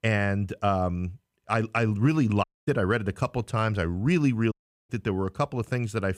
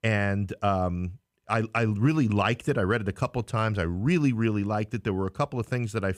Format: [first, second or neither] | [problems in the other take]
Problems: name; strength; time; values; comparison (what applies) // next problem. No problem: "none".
second | audio cutting out; at 2.5 s and at 4.5 s